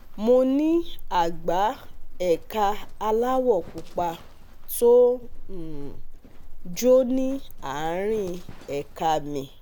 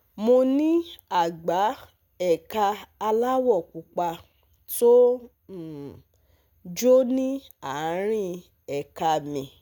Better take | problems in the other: second | background sound (Livestock, farm animals, working animals); 9 dB below the speech

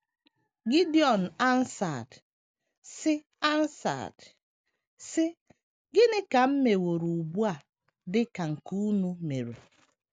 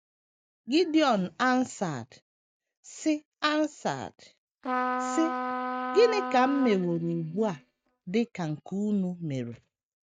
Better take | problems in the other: first | noise reduction (neural mask model DeepFilterNet 3)

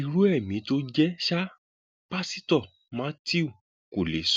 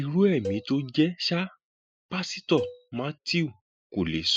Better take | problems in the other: first | noise reduction (classical method spectral subtraction)

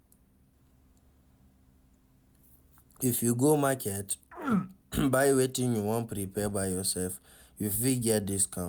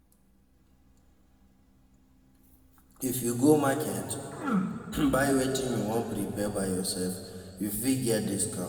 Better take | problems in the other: first | room echo; dies away in 2.4 s

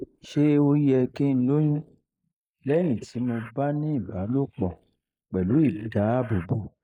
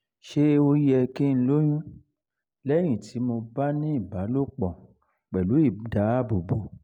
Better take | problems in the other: second | noise reduction (neural mask model Resemble Enhance denoiser)

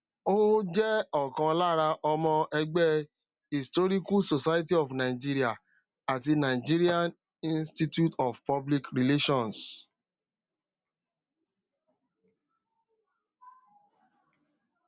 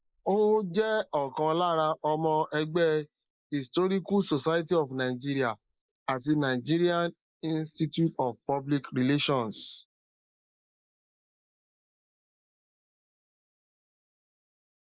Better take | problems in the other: first | noise reduction (neural mask model Resemble Enhance denoiser)

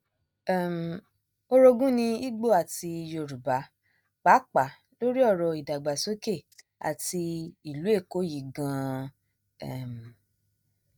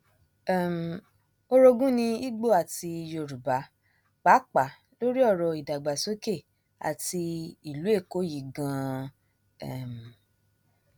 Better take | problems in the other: second | noise reduction (neural mask model DeepFilterNet 3)

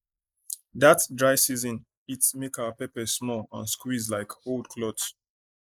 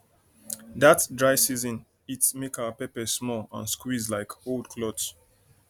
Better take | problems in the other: second | noise reduction (neural mask model Resemble Enhance denoiser)

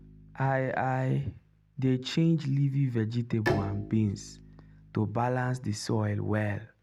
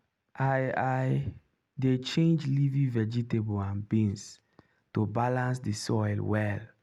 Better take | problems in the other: second | background sound (Bowed string instrument); 12 dB below the speech

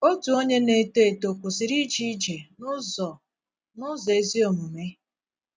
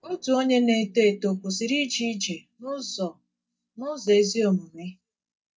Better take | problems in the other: first | noise reduction (neural mask model DeepFilterNet 3)

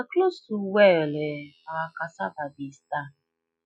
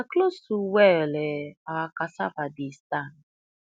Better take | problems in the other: second | noise reduction (classical method Wiener filter)

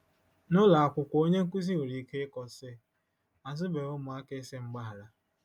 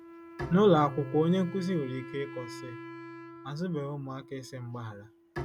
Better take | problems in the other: first | background sound (Bowed string instrument + Wind instrument, woodwind instrument); 12 dB below the speech

